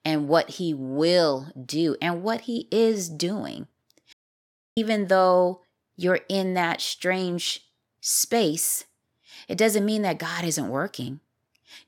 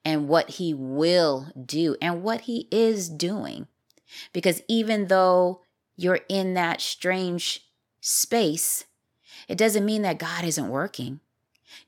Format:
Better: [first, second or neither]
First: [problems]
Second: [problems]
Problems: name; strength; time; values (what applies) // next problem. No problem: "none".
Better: second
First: audio cutting out; at 4 s for 0.5 s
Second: none